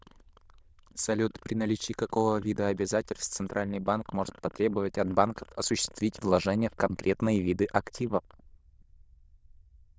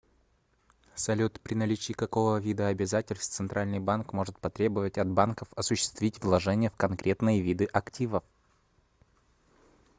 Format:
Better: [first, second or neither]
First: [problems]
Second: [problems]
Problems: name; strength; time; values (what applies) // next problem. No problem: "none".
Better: second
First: noise reduction (neural diffusion model UNIVERSE++)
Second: none